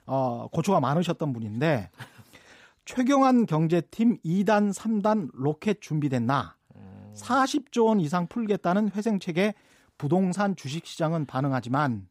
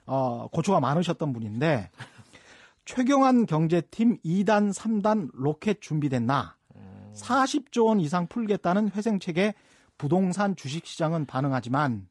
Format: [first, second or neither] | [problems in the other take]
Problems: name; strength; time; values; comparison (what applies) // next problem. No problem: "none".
first | garbled, watery; slightly